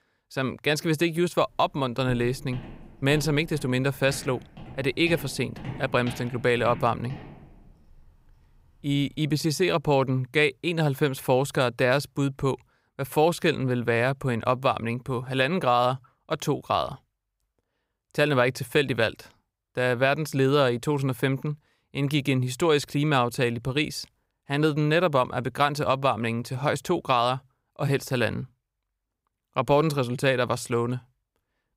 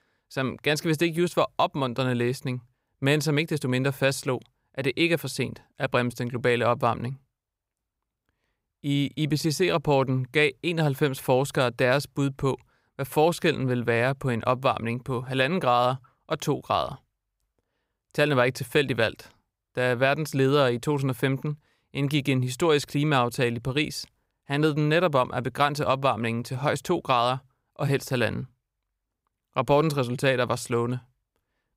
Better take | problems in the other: second | footsteps; faint; from 2 to 9 s; peak 10 dB below the speech

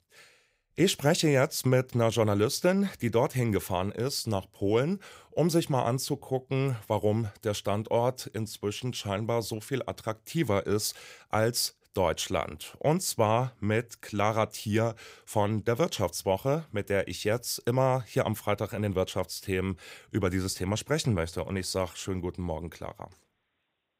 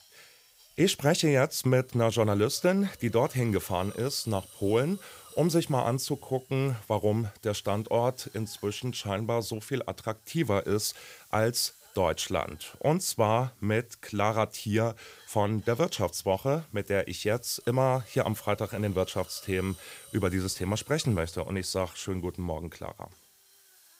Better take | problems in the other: first | hiss; faint; throughout; 25 dB below the speech

